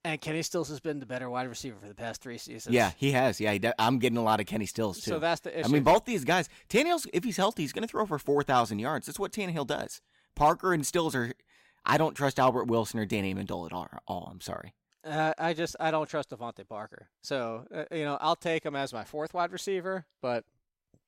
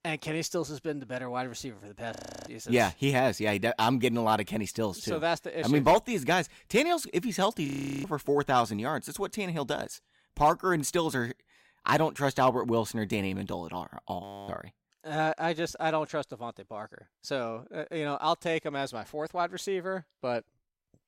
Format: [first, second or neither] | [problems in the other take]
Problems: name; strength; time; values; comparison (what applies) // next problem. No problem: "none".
first | audio freezing; at 2 s, at 7.5 s and at 14 s